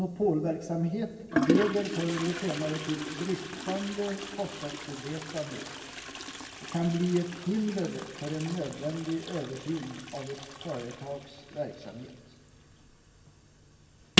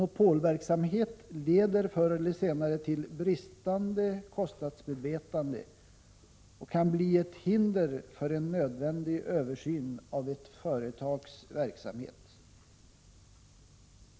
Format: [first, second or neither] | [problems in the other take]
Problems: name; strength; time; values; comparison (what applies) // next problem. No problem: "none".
second | background sound (Toilet flush); 3 dB below the speech // room echo; dies away in 1.1 s